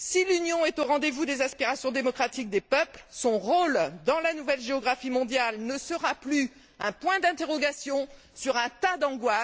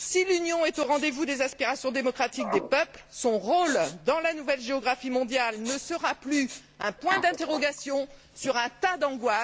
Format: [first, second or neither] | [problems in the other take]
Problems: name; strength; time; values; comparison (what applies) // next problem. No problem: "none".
first | background sound (Respiratory sounds); 14 dB below the speech